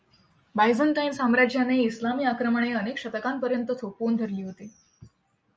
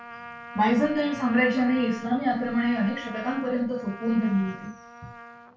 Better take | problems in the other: first | background sound (Trumpet); 15 dB below the speech // room echo; dies away in 0.2 s

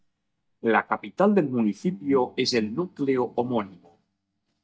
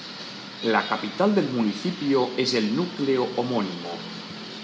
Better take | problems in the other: second | noise reduction (neural mask model DeepFilterNet 3)

